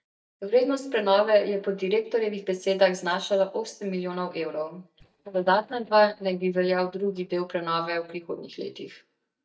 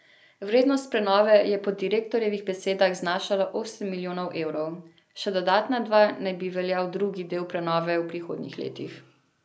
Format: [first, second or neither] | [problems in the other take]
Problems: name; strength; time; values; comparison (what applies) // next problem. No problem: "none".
second | noise reduction (neural mask model DeepFilterNet 3)